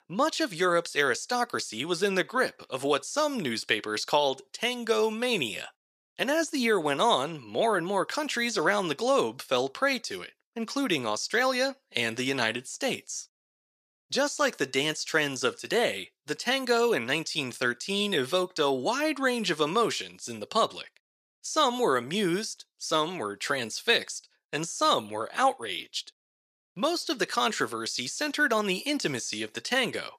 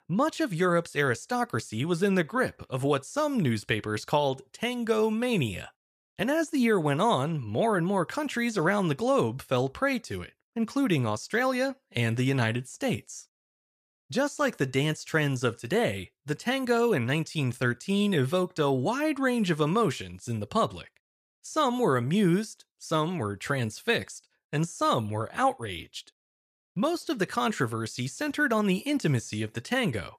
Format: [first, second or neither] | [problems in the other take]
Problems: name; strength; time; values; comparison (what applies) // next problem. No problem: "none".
second | thin; somewhat; fading below 300 Hz